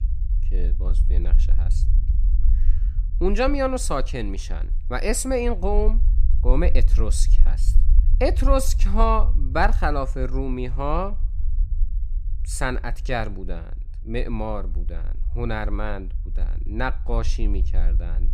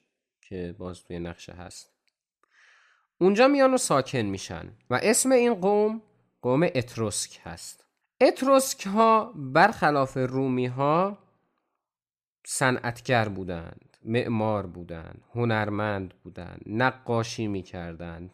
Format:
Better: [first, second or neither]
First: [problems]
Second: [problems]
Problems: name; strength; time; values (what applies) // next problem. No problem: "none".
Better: second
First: low rumble; faint; throughout; 20 dB below the speech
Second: none